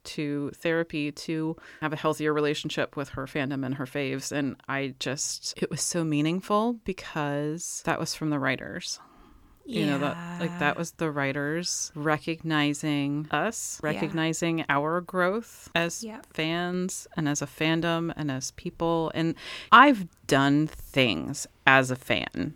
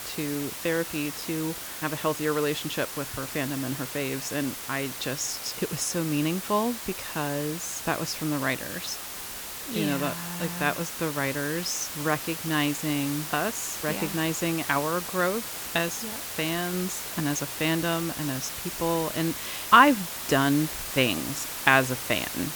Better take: first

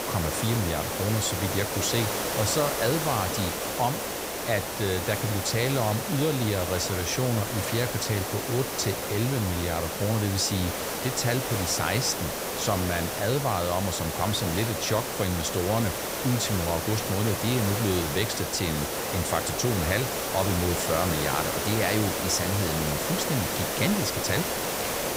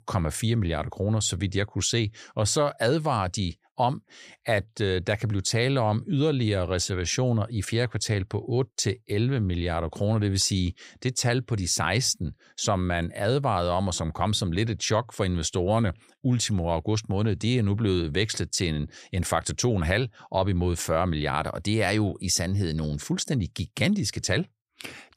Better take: second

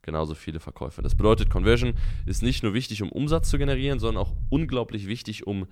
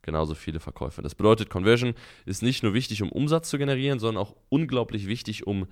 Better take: second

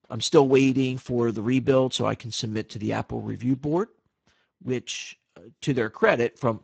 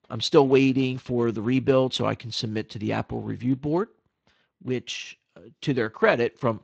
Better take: second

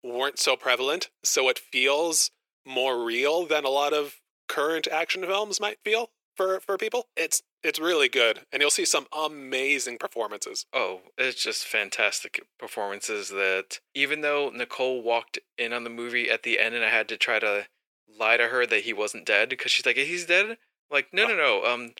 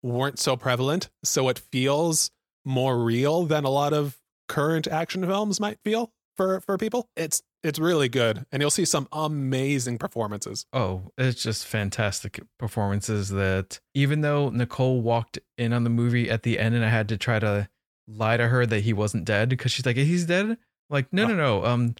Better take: second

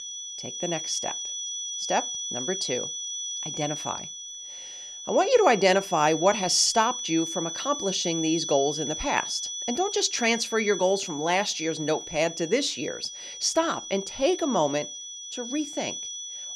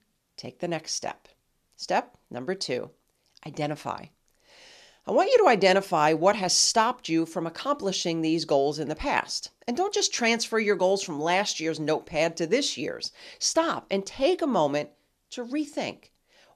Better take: second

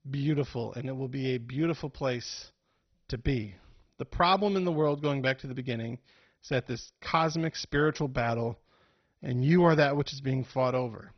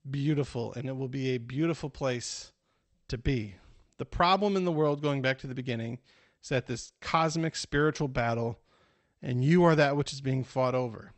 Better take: second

